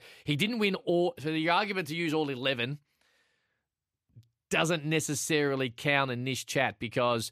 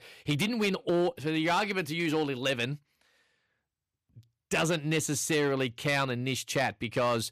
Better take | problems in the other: first | distortion; slight; 4% of the sound clipped

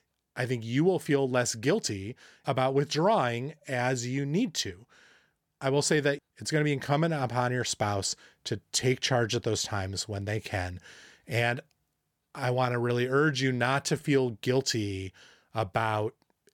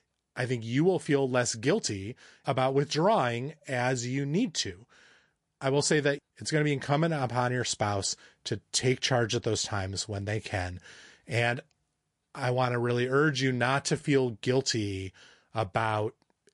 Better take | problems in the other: first | garbled, watery; slightly

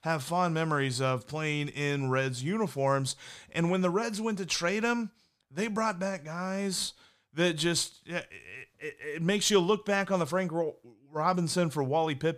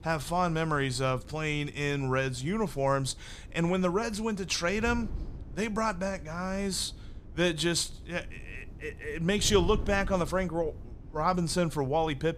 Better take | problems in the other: first | wind noise on the microphone; occasional gusts; 25 dB below the speech

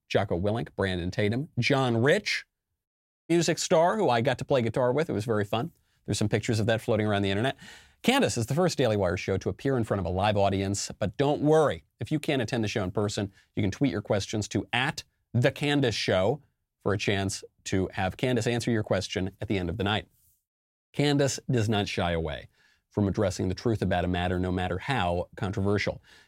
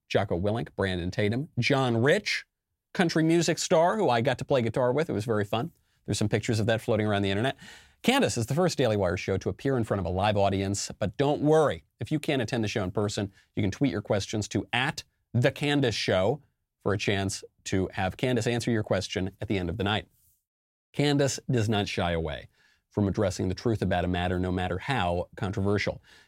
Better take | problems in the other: second | audio cutting out; at 3 s

